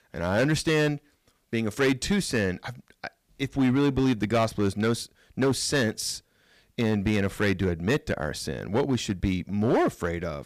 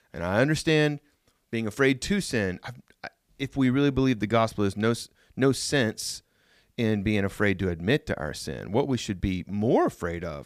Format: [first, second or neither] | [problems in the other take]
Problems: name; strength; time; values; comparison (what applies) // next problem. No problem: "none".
second | distortion; slight; 6% of the sound clipped